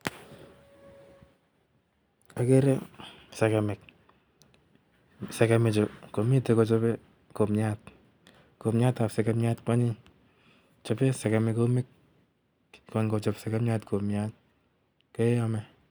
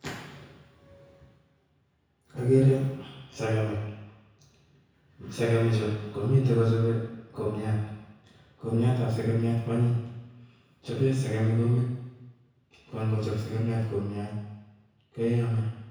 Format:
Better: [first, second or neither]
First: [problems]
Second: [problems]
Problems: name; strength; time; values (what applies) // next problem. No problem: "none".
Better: first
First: none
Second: room echo; dies away in 1 s